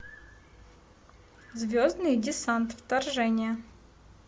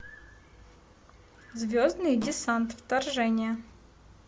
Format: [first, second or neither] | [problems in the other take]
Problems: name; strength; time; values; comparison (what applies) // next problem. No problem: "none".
first | background sound (Fart); 14 dB below the speech